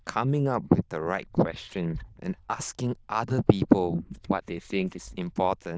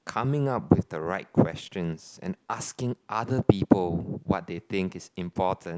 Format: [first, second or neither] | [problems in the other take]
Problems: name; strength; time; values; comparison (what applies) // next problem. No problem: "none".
second | noise reduction (neural diffusion model UNIVERSE++)